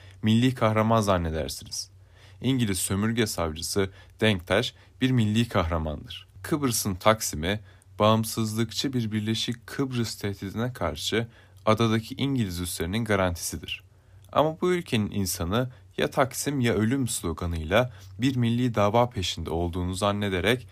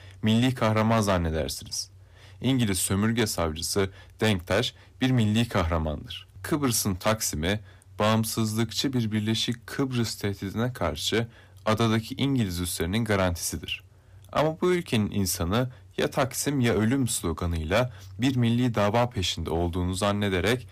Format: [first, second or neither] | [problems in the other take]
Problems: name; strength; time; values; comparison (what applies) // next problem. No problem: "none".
first | distortion; slight; 5% of the sound clipped